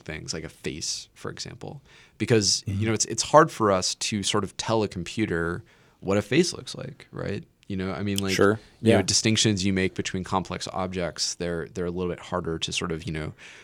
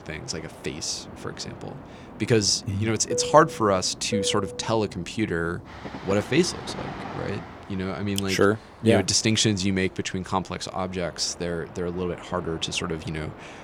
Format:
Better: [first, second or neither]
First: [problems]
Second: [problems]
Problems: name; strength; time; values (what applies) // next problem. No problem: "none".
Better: first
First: none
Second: train or aircraft noise; noticeable; throughout; 15 dB below the speech